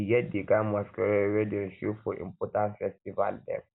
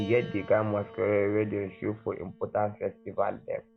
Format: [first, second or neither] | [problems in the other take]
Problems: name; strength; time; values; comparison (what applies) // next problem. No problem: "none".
first | background sound (Piano); 19 dB below the speech